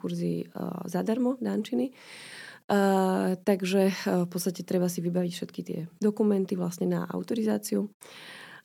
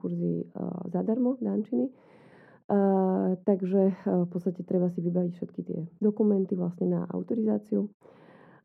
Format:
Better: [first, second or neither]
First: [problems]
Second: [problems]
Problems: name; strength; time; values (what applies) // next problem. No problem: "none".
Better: first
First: none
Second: muffled; very; fading above 2 kHz